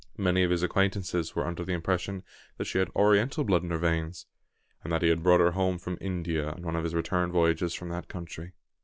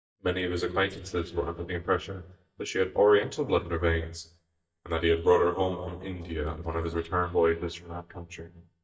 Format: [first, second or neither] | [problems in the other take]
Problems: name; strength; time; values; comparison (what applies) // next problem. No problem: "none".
first | noise reduction (neural mask model DeepFilterNet 3)